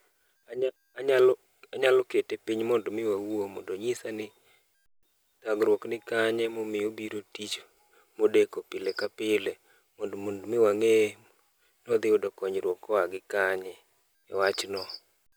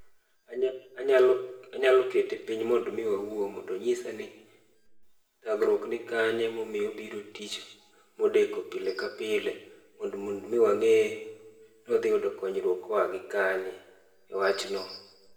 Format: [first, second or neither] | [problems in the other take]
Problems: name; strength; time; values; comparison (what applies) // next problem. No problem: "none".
first | room echo; dies away in 0.8 s